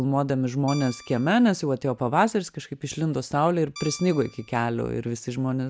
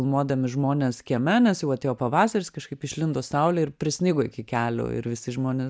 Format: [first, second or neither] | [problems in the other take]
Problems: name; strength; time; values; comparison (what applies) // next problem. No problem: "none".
second | background sound (Guitar); 19 dB below the speech